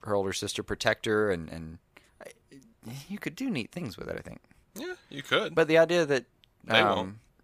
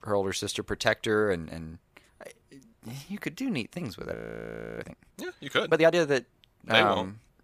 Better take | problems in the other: first | audio freezing; at 4 s for 0.5 s

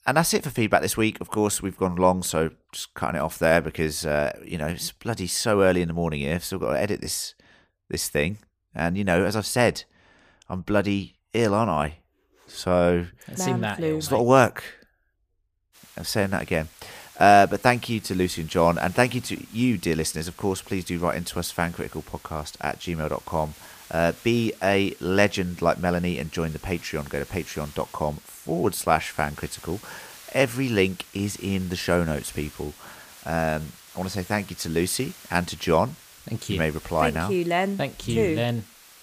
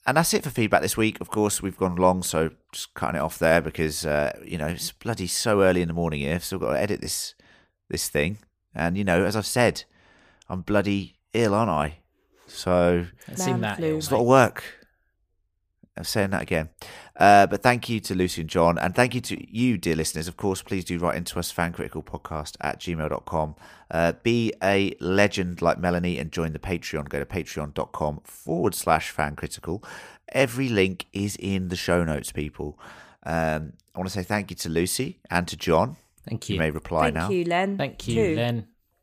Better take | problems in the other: second | hiss; faint; from 16 s on; 20 dB below the speech

